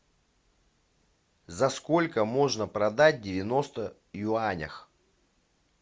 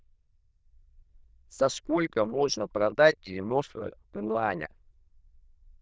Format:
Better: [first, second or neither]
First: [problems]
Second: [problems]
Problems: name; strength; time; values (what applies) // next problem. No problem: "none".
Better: first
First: none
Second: noise reduction (neural diffusion model UNIVERSE++)